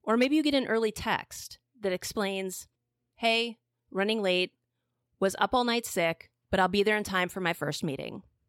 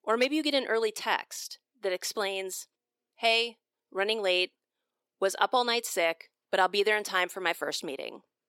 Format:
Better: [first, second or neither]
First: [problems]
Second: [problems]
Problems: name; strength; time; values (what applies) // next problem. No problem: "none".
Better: first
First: none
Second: thin; somewhat; fading below 350 Hz